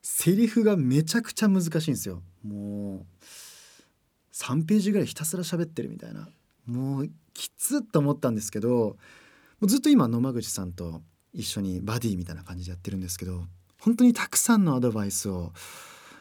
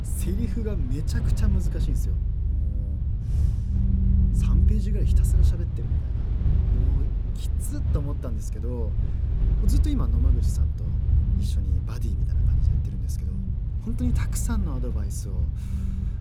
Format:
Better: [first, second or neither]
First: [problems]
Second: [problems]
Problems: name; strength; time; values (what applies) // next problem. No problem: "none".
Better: first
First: none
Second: low rumble; loud; throughout; 1 dB below the speech